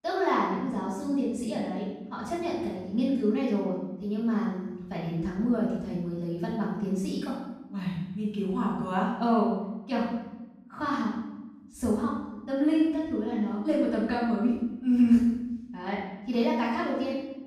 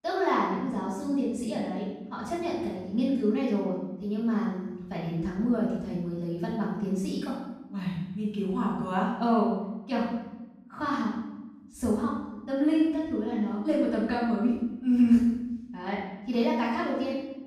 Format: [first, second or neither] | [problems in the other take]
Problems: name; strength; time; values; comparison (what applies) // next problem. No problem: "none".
neither | room echo; strong; dies away in 0.9 s; the same in both // off-mic speech; far; the same in both